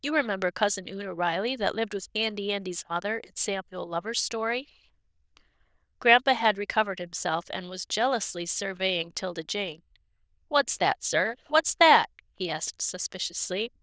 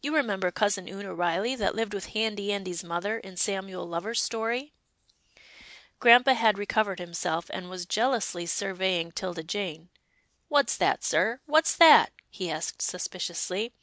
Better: second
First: noise reduction (neural diffusion model UNIVERSE++)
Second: none

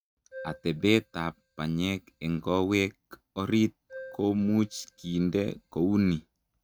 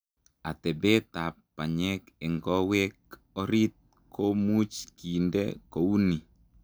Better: second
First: noise reduction (neural mask model RNNoise)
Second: none

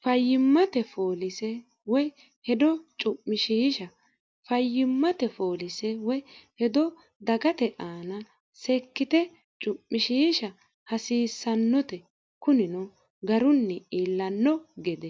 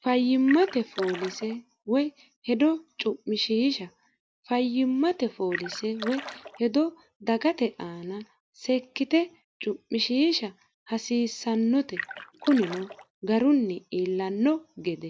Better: first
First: none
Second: background sound (Splash, splatter); 12 dB below the speech

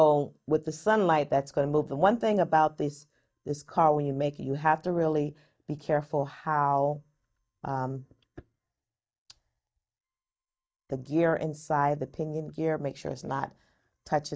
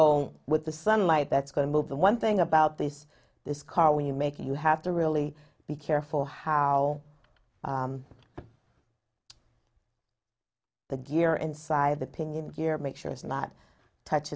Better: second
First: noise reduction (neural mask model DeepFilterNet 3)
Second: none

